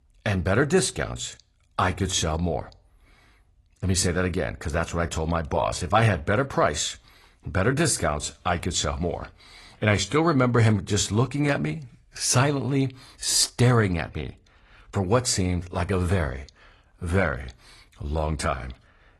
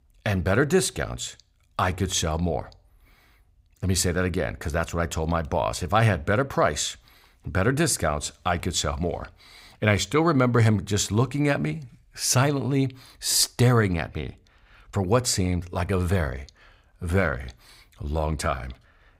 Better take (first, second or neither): second